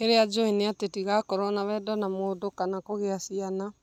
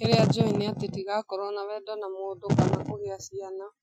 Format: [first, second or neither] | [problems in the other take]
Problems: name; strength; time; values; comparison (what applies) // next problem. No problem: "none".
first | noise reduction (classical method Wiener filter)